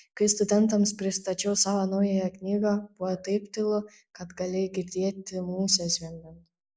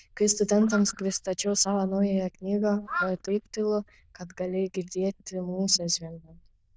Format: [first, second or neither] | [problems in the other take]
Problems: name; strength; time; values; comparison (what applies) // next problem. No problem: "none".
first | noise reduction (neural diffusion model UNIVERSE++)